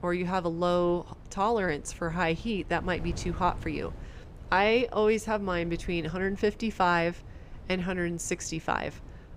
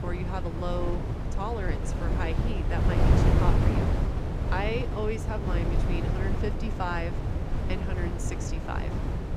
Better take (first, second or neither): first